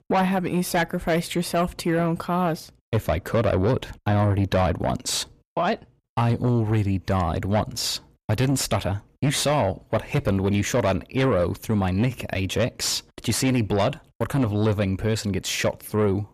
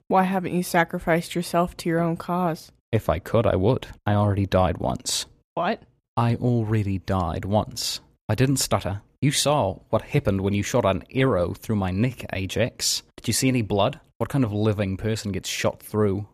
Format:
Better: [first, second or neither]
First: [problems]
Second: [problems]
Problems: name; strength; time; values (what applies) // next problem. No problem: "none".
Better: second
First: distortion; slight; 10 dB below the speech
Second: none